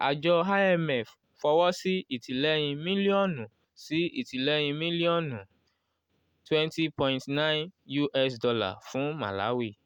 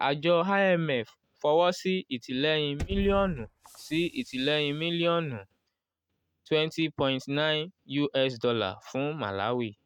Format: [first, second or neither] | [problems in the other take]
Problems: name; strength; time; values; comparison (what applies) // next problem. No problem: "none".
first | noise reduction (neural mask model RNNoise)